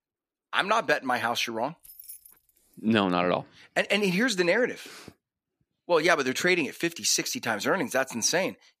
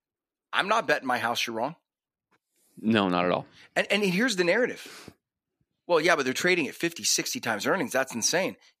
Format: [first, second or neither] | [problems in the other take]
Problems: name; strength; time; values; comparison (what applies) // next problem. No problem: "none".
second | jangling keys; faint; at 2 s; peak 15 dB below the speech